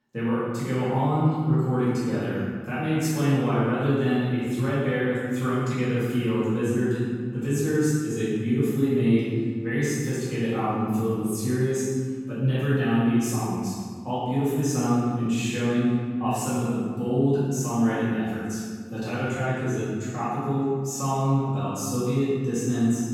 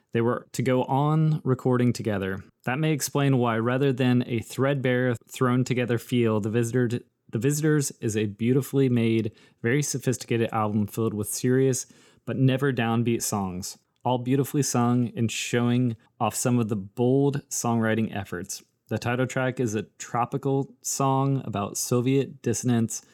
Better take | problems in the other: second | off-mic speech; far // room echo; strong; dies away in 1.6 s

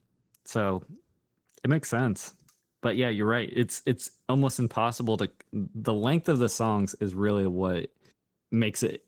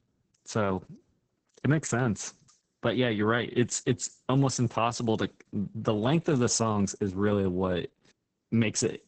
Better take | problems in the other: first | garbled, watery; badly; nothing above 8 kHz; slightly in the first

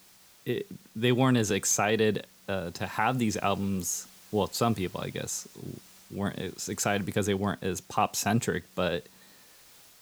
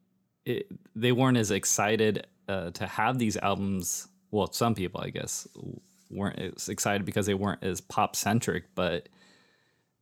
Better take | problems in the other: second | hiss; faint; throughout; 25 dB below the speech

